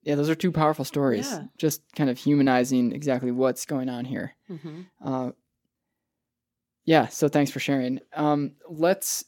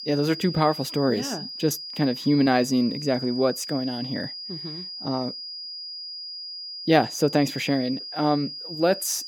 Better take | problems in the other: first | high-pitched whine; loud; throughout; 5 kHz, 9 dB below the speech

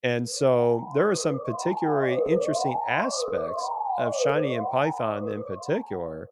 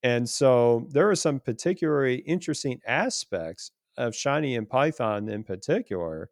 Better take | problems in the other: second | siren; loud; from 0.5 s on; peak 2 dB above the speech

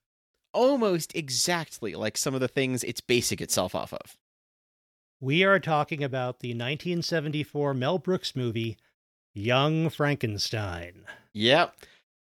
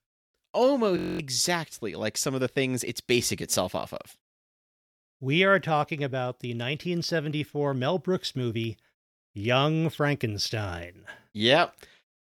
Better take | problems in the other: first | audio freezing; at 1 s

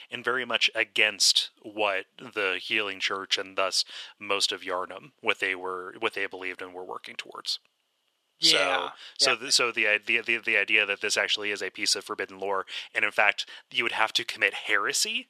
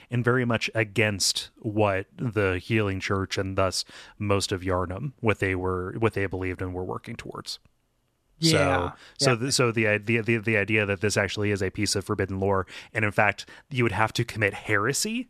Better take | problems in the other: second | thin; very; fading below 500 Hz

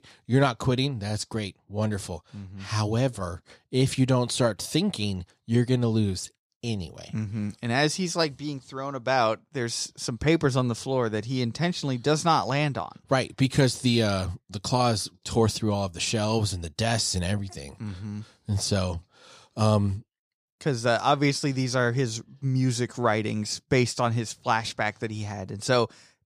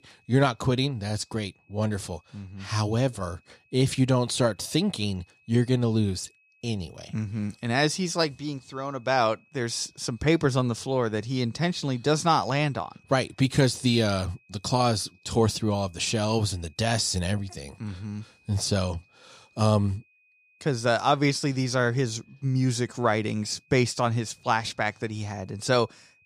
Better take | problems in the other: first | high-pitched whine; faint; throughout; 2.5 kHz, 35 dB below the speech

